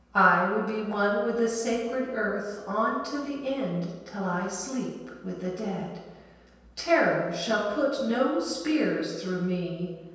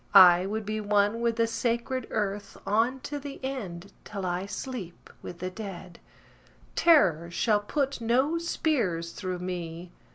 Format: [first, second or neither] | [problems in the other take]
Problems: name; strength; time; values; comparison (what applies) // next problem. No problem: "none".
second | room echo; dies away in 1.2 s